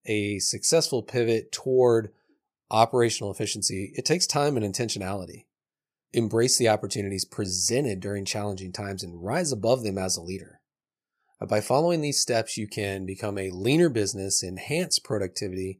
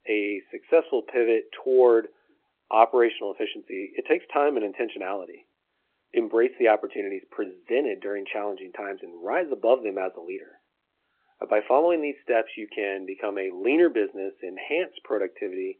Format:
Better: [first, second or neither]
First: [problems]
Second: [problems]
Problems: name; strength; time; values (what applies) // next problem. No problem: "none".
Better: first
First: none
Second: phone-call audio